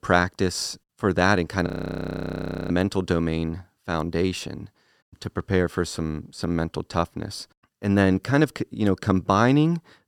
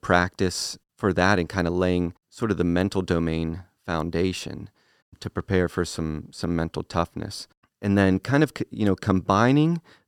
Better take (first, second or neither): second